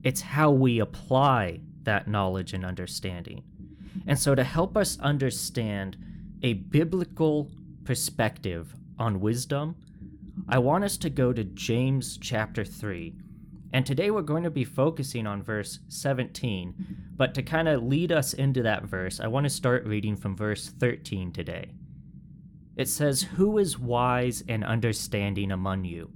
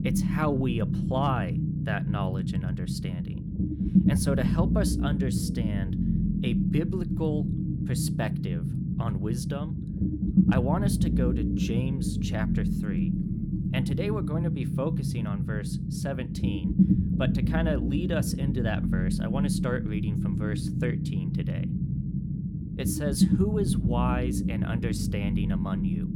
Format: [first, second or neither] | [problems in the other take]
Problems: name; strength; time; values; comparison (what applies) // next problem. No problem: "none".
first | low rumble; loud; throughout; 2 dB below the speech; faint in the first